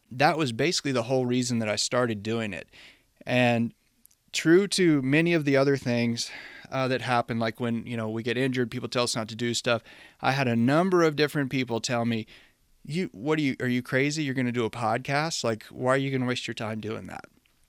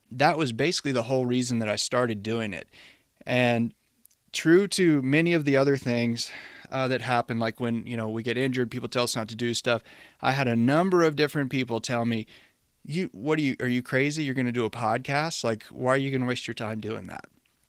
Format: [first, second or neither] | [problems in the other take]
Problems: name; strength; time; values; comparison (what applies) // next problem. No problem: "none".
first | garbled, watery; slightly; nothing above 18.5 kHz